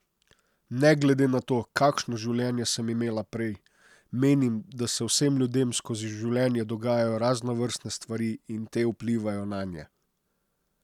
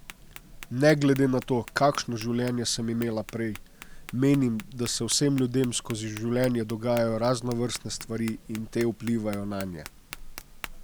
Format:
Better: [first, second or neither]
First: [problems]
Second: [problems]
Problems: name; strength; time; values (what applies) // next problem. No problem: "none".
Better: first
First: none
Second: background sound (Tap); 17 dB below the speech